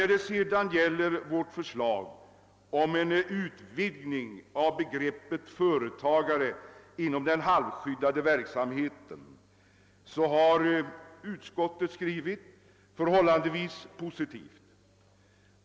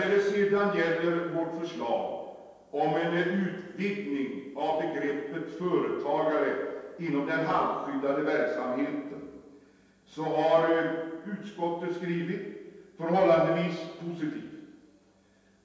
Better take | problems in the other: first | room echo; dies away in 1.2 s

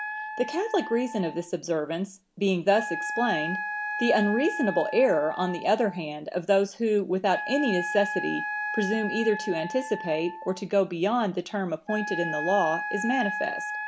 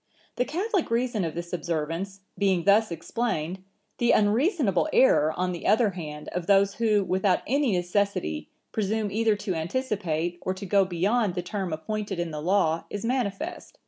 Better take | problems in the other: second | background sound (Wind instrument, woodwind instrument); 7 dB below the speech

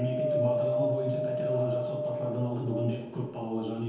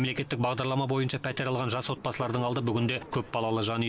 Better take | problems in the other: second | background sound (Wind); 1 dB above the speech // room echo; dies away in 1 s

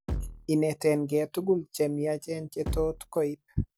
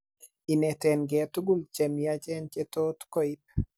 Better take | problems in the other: second | background sound (Bass drum); 7 dB below the speech

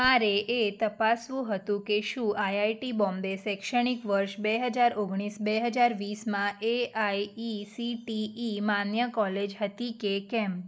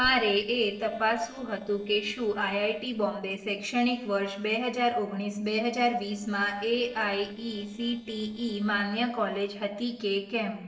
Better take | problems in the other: first | noise reduction (neural separator model SepFormer DNS4)

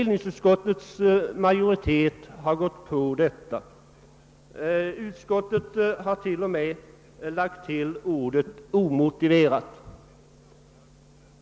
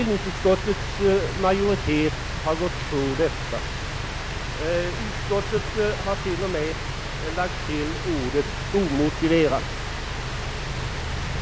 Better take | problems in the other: first | background sound (Idling / Accelerating, revving, vroom / Car + Rain); 3 dB below the speech

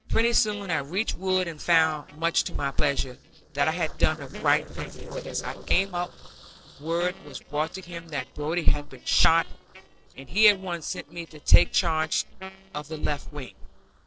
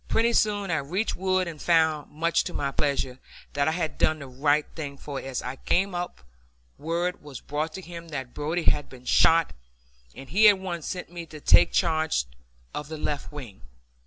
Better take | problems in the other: second | noise reduction (neural separator model SepFormer DNS4)

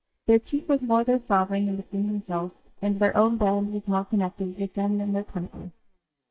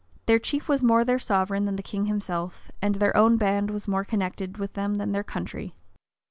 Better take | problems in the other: second | noise reduction (neural mask model DeepFilterNet 3)

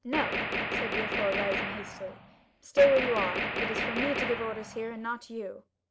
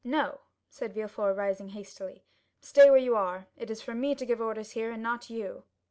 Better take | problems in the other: second | background sound (Gunshot, gunfire); 2 dB below the speech

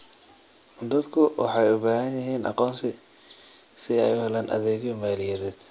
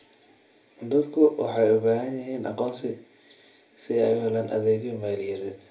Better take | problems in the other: first | room echo; dies away in 0.3 s

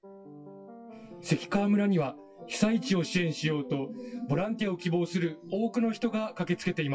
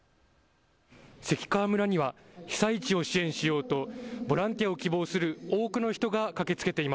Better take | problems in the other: second | noise reduction (classical method WPE with log-MMSE)

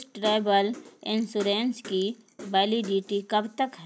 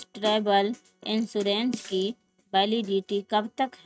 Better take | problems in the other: first | noise reduction (neural mask model RNNoise)

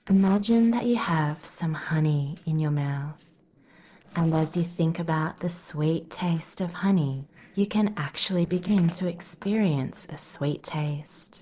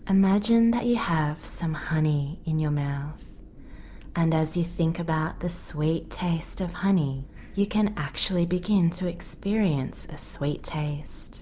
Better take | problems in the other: second | noise reduction (neural separator model SepFormer DNS4)

